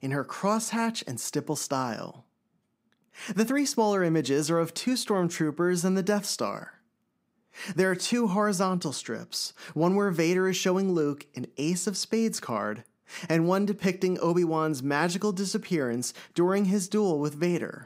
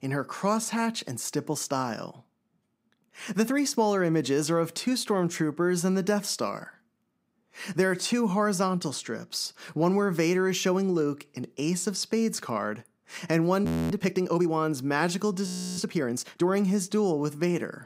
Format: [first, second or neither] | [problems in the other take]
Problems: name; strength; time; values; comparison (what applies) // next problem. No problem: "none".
first | audio freezing; at 14 s and at 15 s